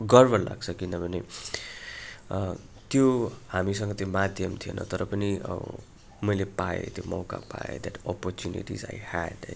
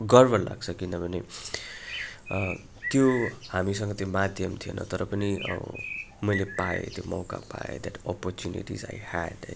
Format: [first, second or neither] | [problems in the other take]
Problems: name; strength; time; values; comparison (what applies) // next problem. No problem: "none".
first | background sound (Bird); 11 dB below the speech